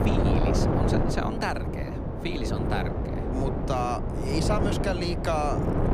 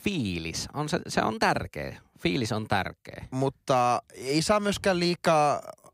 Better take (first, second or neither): second